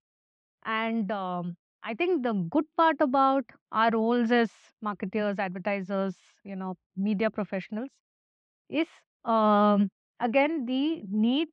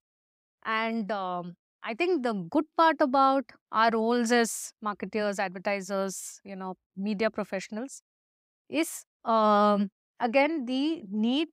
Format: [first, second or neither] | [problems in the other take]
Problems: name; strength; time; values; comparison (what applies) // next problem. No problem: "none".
second | muffled; slightly; fading above 3.5 kHz